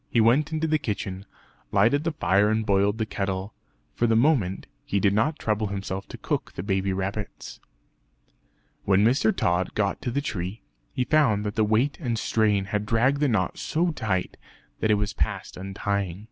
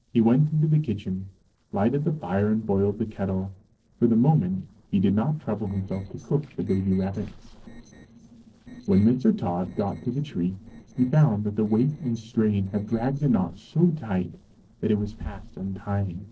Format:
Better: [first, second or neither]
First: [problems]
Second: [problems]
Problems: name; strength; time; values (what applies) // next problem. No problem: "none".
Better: first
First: none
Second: noise reduction (neural separator model SepFormer DNS4)